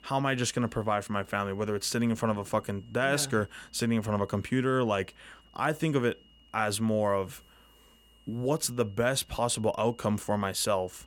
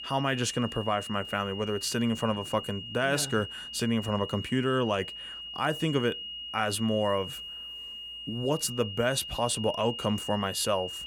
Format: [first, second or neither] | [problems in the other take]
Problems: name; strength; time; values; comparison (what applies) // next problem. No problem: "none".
first | high-pitched whine; loud; throughout; 3 kHz, 8 dB below the speech; faint in the first